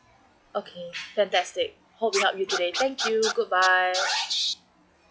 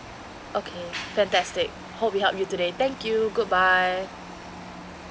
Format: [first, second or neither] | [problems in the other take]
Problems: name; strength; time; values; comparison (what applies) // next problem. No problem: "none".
second | noise reduction (classical method log-MMSE)